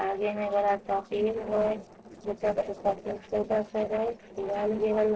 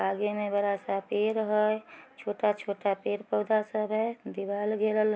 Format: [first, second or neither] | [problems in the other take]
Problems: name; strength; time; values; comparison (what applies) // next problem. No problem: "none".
second | noise reduction (neural separator model SepFormer DNS4)